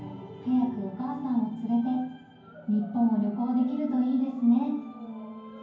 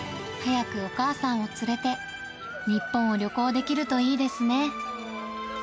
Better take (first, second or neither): second